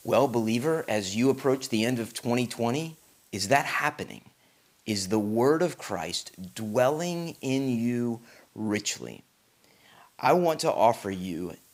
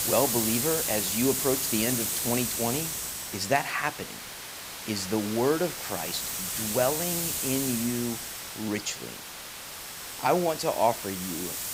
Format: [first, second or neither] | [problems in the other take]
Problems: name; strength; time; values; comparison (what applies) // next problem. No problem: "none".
first | hiss; loud; throughout; 1 dB below the speech; faint in the first